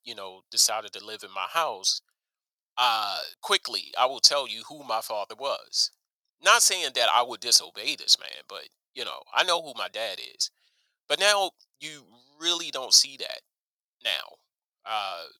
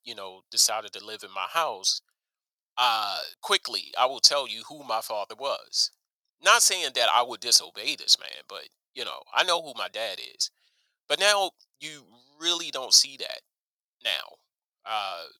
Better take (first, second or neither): neither